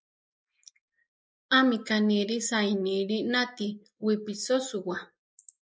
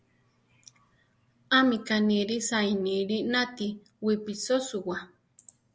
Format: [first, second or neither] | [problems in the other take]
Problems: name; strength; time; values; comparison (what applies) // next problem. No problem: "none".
second | noise reduction (neural mask model Resemble Enhance denoiser)